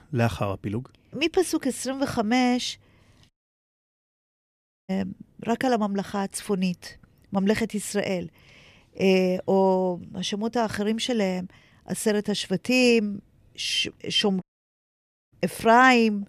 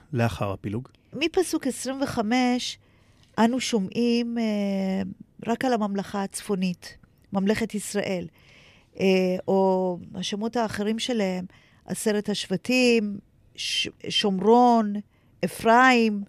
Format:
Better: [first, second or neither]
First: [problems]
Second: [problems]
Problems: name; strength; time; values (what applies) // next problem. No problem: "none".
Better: second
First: audio cutting out; at 3.5 s for 1.5 s and at 14 s for 1 s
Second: none